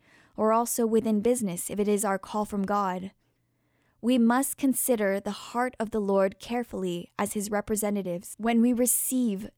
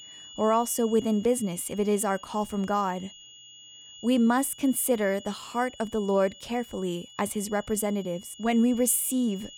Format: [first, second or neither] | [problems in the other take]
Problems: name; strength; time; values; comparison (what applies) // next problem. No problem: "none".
first | high-pitched whine; noticeable; throughout; 3 kHz, 20 dB below the speech